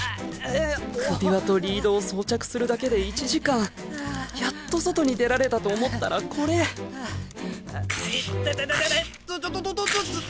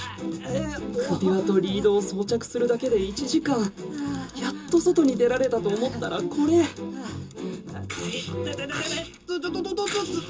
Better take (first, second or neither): first